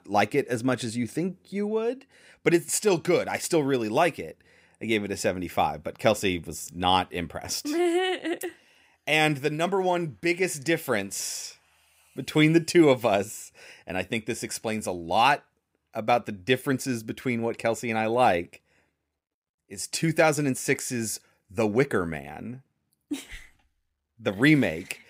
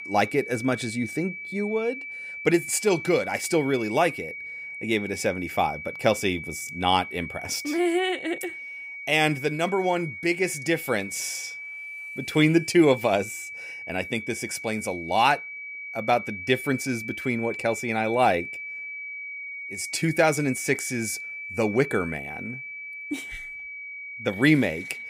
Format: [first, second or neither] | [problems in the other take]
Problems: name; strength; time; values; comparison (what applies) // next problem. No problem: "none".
first | high-pitched whine; loud; throughout; 2.5 kHz, 9 dB below the speech